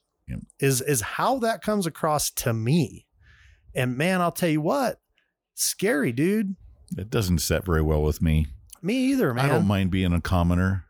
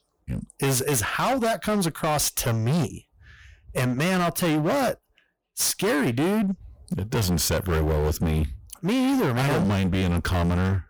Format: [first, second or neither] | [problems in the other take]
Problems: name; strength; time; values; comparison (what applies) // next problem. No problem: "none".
first | distortion; heavy; 26% of the sound clipped